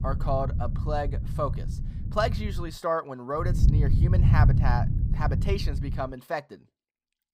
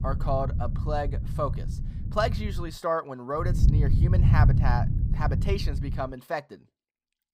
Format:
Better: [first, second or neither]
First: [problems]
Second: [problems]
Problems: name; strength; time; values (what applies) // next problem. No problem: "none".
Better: neither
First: low rumble; loud; until 2.5 s and from 3.5 to 6 s; 9 dB below the speech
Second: low rumble; loud; until 2.5 s and from 3.5 to 6 s; 9 dB below the speech